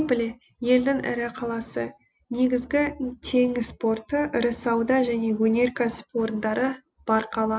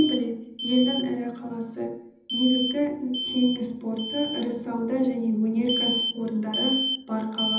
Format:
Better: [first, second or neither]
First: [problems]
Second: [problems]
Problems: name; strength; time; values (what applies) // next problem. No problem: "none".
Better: first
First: none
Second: background sound (Alarm); 5 dB below the speech // room echo; dies away in 0.8 s